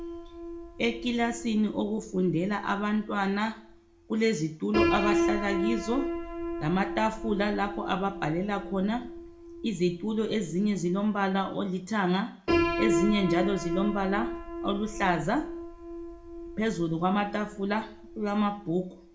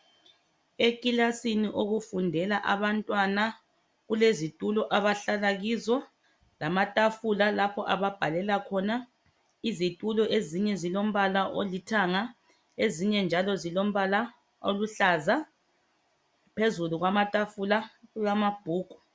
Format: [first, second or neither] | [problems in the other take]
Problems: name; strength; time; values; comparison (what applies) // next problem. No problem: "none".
second | background sound (Piano); 5 dB below the speech // room echo; dies away in 0.4 s